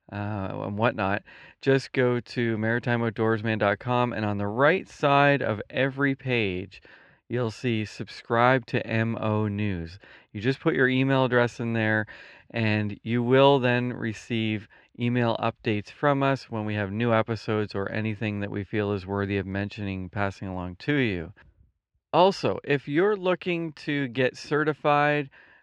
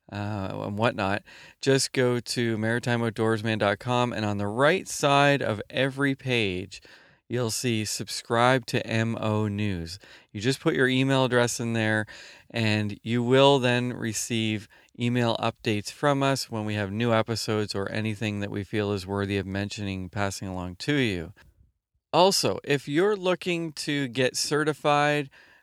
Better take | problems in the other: second | muffled; slightly; fading above 2.5 kHz

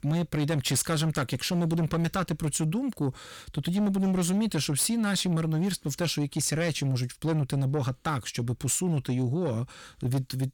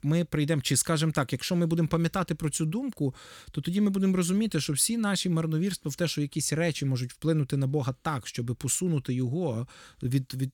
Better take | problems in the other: second | distortion; slight; 10 dB below the speech

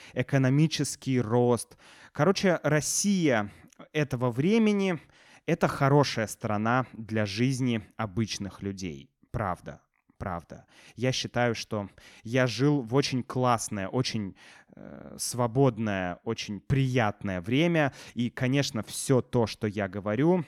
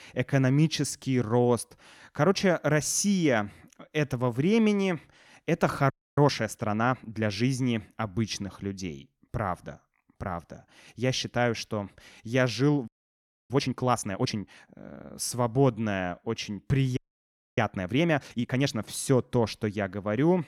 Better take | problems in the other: first | audio freezing; at 6 s, at 13 s for 0.5 s and at 17 s for 0.5 s

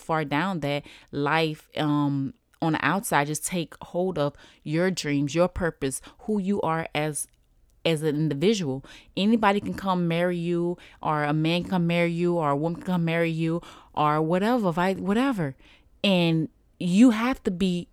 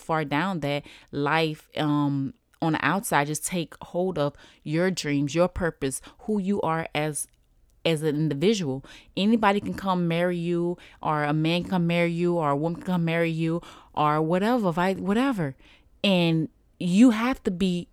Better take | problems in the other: neither | none

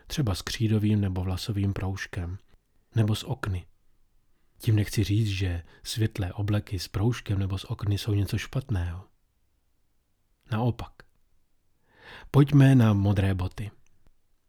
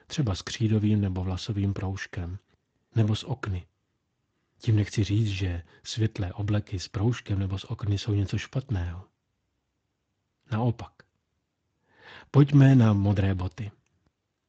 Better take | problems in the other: first | garbled, watery; slightly

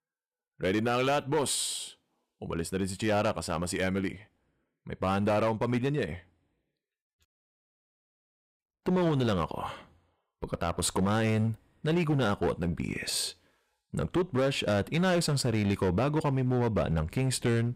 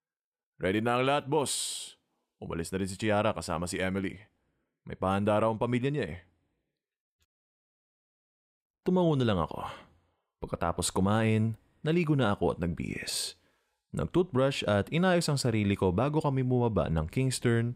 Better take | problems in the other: second | distortion; slight; 8% of the sound clipped

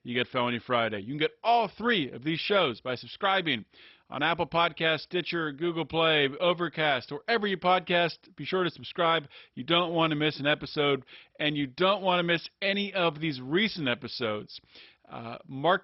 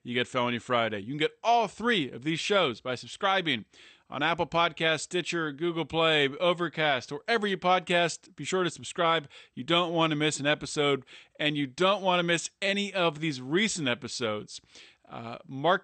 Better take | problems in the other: second | garbled, watery; badly; nothing above 5.5 kHz; slightly in the second

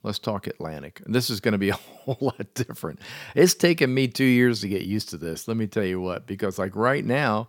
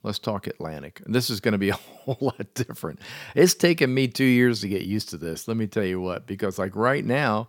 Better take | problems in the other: neither | none

